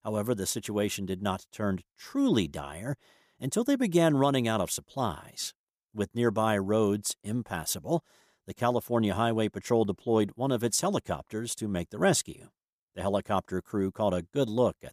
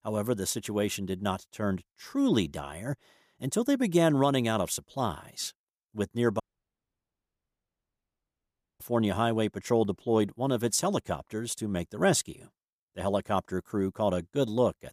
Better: first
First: none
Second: audio cutting out; at 6.5 s for 2.5 s

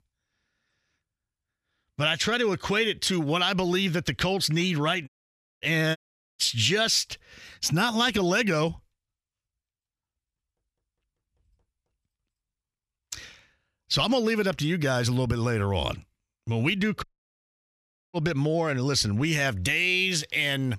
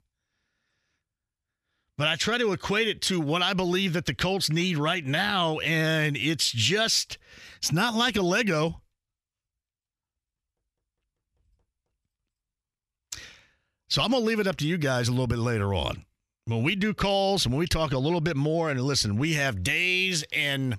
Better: second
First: audio cutting out; at 5 s for 0.5 s, at 6 s and at 17 s for 1 s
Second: none

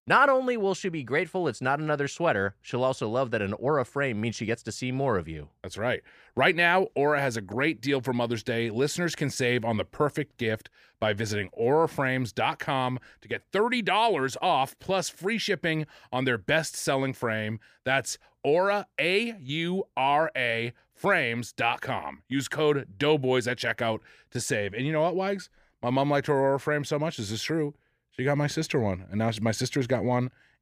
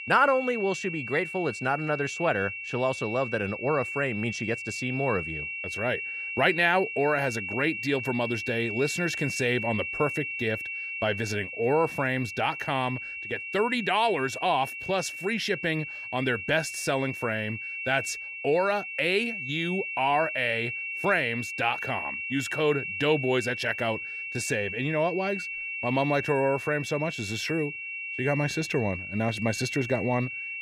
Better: first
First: none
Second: high-pitched whine; loud; throughout; 2.5 kHz, 5 dB below the speech

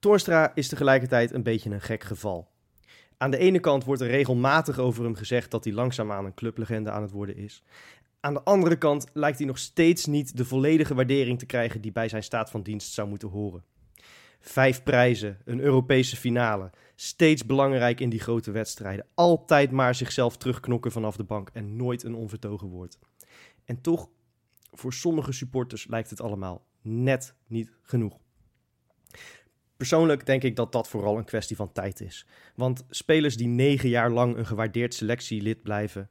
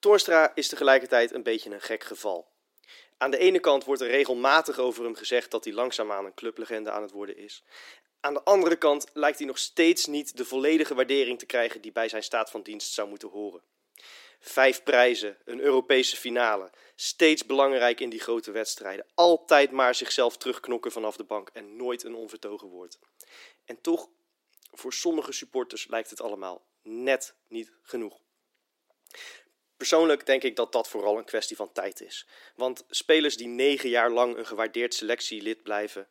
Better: first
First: none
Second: thin; somewhat; fading below 300 Hz

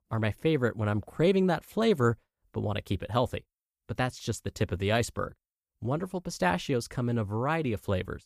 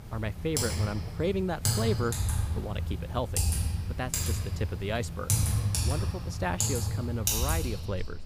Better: first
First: none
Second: household noises; very loud; throughout; 4 dB above the speech

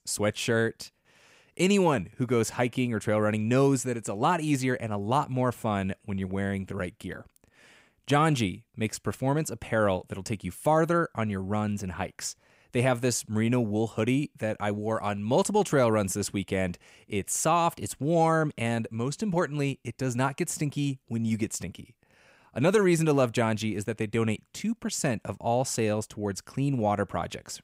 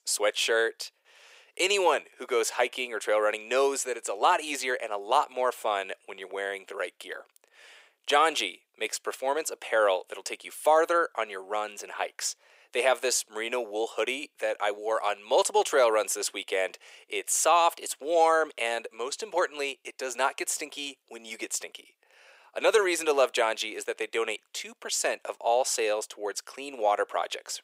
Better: first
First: none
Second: thin; very; fading below 400 Hz

